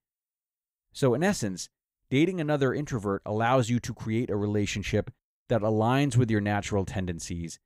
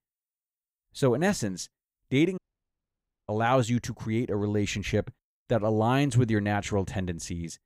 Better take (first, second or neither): first